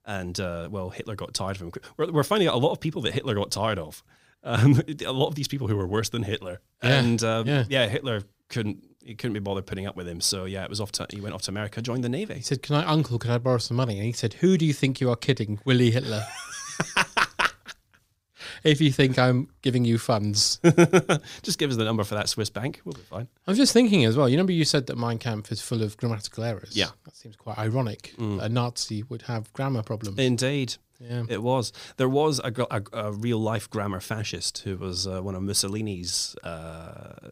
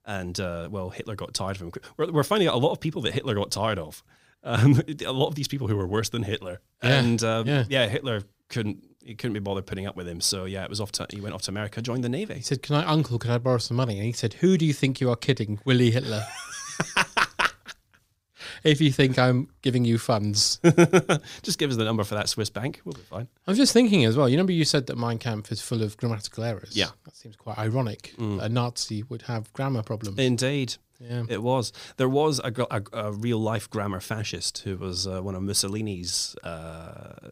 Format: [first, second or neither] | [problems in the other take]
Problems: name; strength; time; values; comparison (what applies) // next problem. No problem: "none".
neither | none